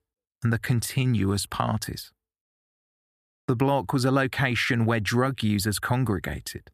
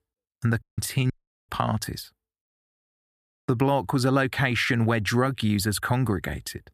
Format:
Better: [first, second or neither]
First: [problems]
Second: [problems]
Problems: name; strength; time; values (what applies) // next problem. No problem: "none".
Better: first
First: none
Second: audio cutting out; at 0.5 s and at 1 s